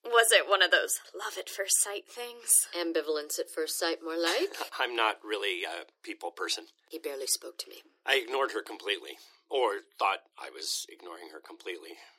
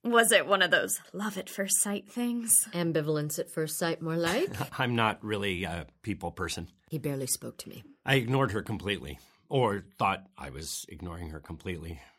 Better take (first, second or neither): second